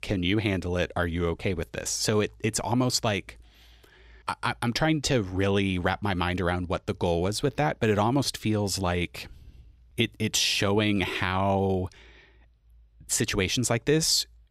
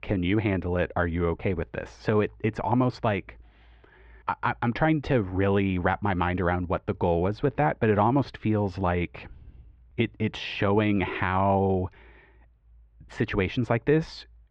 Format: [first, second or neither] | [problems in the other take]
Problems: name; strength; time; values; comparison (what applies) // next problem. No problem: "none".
first | muffled; very; fading above 2 kHz